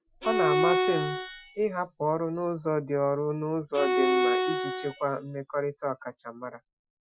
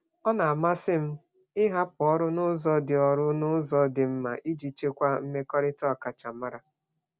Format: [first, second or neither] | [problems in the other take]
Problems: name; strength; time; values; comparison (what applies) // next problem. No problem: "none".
second | noise reduction (classical method Wiener filter)